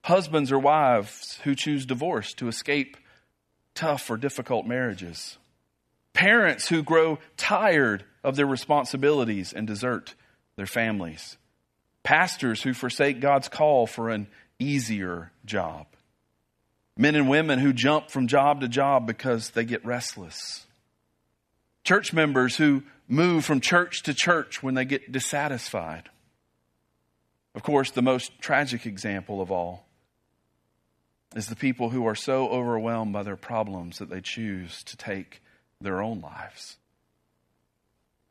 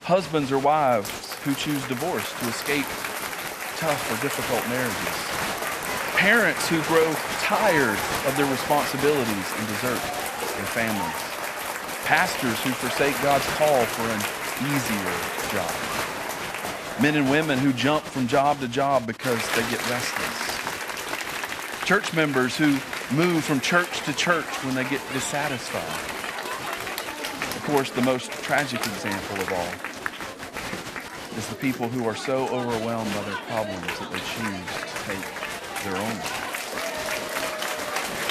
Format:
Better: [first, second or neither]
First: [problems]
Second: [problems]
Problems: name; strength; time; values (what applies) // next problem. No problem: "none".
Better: first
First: none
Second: crowd noise; loud; throughout; 4 dB below the speech